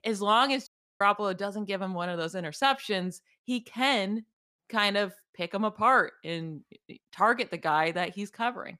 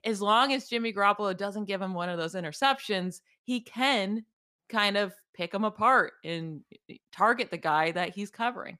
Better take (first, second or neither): second